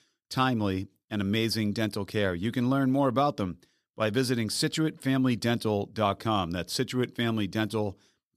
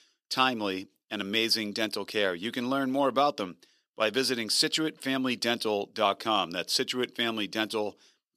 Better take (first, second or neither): first